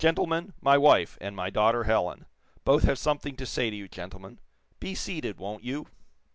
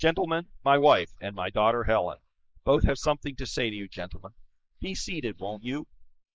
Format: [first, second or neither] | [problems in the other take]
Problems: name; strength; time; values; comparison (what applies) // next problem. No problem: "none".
first | noise reduction (neural mask model Resemble Enhance denoiser)